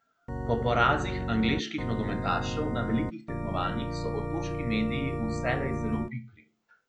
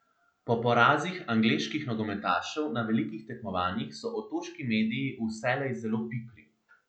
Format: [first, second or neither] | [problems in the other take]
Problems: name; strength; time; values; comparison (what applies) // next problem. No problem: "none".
second | background sound (Organ); 2 dB below the speech